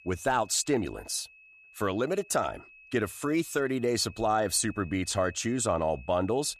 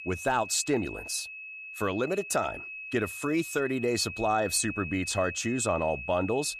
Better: first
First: high-pitched whine; faint; throughout; 2.5 kHz, 25 dB below the speech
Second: high-pitched whine; loud; throughout; 2.5 kHz, 9 dB below the speech

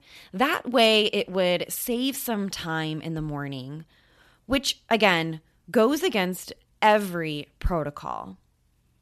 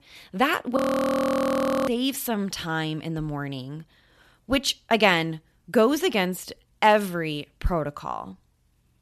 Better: first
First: none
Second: audio freezing; at 1 s for 1 s

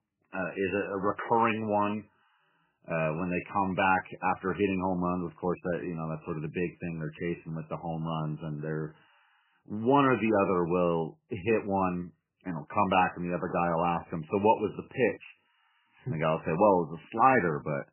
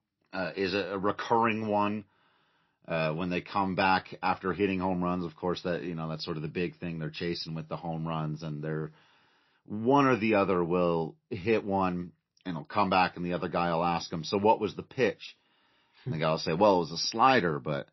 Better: second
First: garbled, watery; badly; nothing above 3 kHz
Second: garbled, watery; slightly; nothing above 5.5 kHz

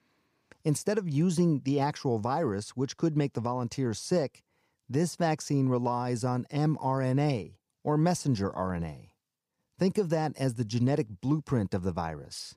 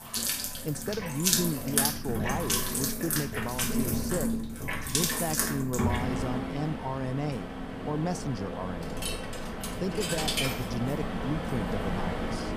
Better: first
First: none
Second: household noises; very loud; throughout; 4 dB above the speech

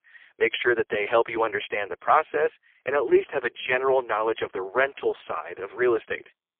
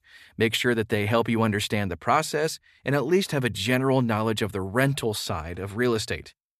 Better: second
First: phone-call audio; poor line; nothing above 3.5 kHz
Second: none

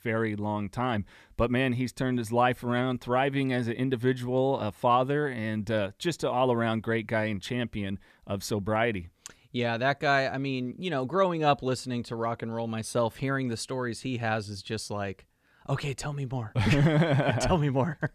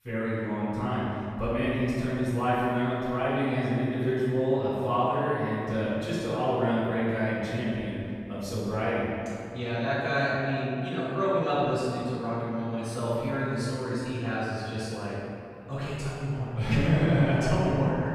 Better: first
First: none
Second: room echo; strong; dies away in 2.5 s // off-mic speech; far

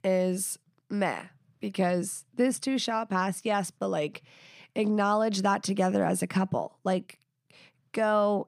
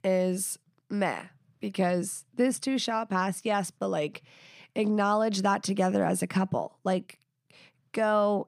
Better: neither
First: none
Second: none

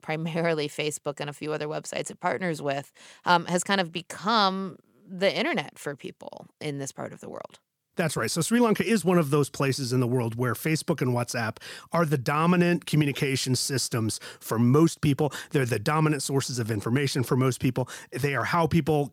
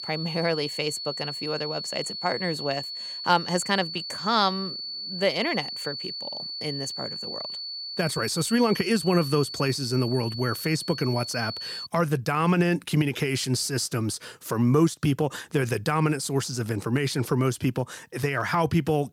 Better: first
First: none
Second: high-pitched whine; loud; until 12 s; 4.5 kHz, 6 dB below the speech

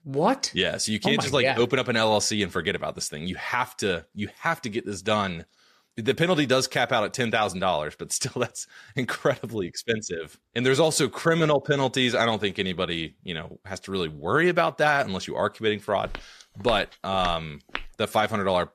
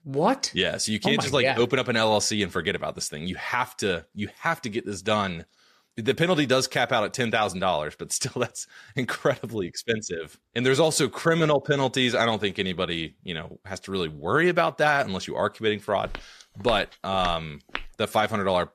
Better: neither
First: footsteps; faint; from 16 to 18 s; peak 10 dB below the speech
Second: footsteps; faint; from 16 to 18 s; peak 10 dB below the speech

